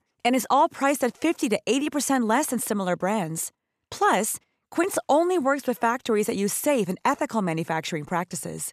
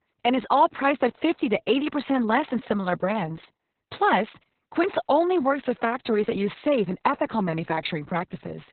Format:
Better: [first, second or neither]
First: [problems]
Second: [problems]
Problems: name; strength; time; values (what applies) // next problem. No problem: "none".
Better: first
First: none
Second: garbled, watery; badly; nothing above 4 kHz